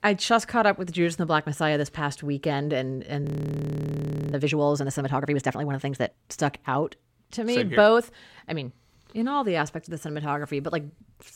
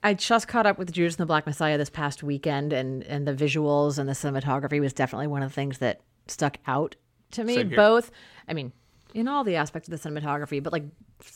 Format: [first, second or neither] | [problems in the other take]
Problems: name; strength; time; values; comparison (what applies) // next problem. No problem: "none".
second | audio freezing; at 3 s for 1 s